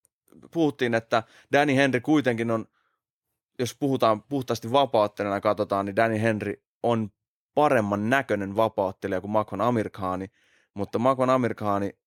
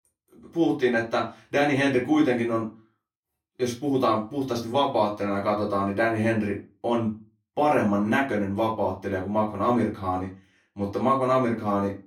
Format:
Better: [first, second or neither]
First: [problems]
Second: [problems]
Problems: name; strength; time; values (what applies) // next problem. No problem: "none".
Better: first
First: none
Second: off-mic speech; far // room echo; slight; dies away in 0.3 s